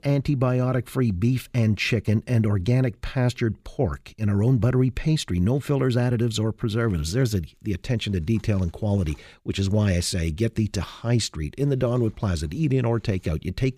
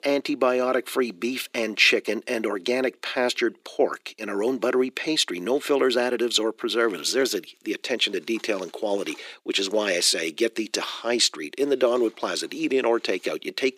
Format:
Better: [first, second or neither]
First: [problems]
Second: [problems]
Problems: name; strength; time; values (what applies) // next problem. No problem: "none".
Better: first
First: none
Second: thin; very; fading below 300 Hz